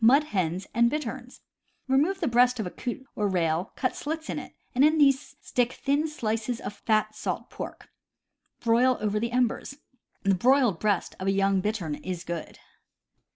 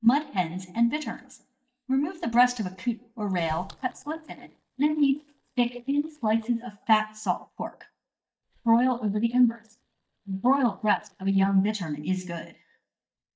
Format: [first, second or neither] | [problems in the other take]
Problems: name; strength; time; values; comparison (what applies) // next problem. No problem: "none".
first | noise reduction (neural mask model DeepFilterNet 3)